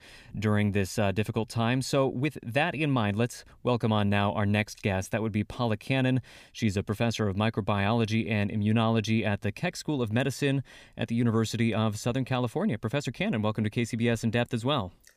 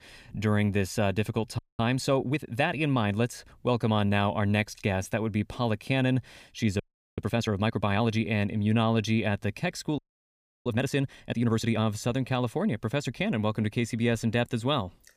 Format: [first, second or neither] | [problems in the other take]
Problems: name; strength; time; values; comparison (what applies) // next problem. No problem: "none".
first | audio freezing; at 1.5 s, at 7 s and at 10 s for 0.5 s